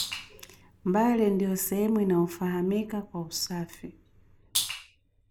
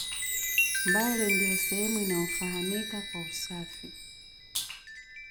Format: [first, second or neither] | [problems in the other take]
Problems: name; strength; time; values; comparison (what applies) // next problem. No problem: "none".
first | background sound (Chime); 2 dB above the speech